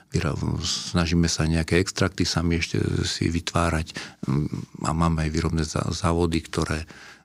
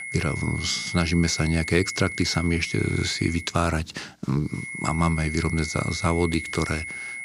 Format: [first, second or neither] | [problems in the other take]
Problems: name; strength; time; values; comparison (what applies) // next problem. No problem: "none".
first | high-pitched whine; loud; until 3.5 s and from 4.5 s on; 2 kHz, 7 dB below the speech